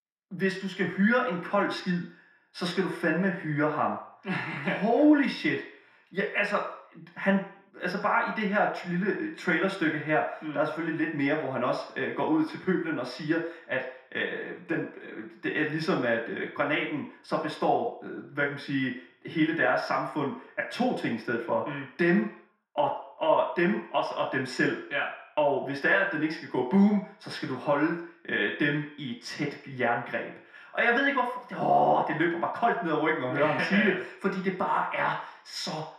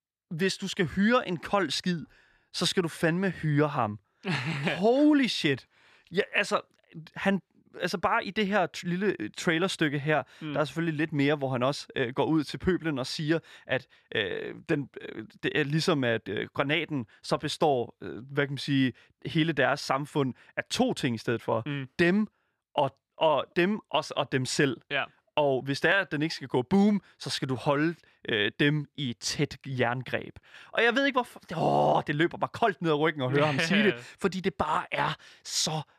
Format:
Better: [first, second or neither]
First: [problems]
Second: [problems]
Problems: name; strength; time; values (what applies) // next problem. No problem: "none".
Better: second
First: room echo; slight; dies away in 0.6 s // off-mic speech; somewhat distant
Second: none